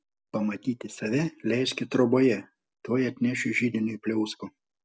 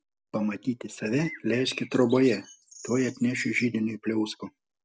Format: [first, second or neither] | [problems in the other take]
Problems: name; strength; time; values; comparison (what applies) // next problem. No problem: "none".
first | background sound (Bird); 18 dB below the speech